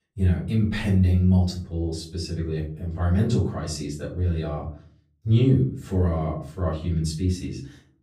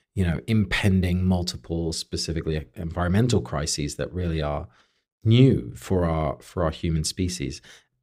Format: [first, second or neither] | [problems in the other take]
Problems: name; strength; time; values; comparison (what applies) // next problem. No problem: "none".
second | off-mic speech; far // room echo; slight; dies away in 0.5 s